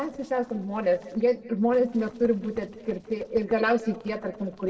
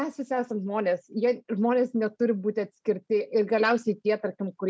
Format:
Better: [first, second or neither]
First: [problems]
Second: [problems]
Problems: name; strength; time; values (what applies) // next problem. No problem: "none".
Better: second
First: noise reduction (neural separator model SepFormer DNS4)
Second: none